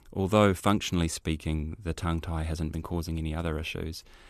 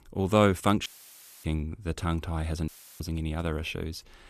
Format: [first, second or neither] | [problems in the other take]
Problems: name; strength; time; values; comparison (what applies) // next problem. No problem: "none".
first | audio cutting out; filled with static; at 1 s for 0.5 s and at 2.5 s